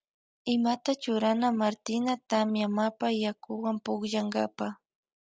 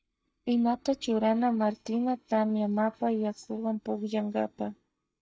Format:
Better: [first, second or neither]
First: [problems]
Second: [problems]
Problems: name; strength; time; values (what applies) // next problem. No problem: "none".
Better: first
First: none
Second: noise reduction (neural mask model DeepFilterNet 3)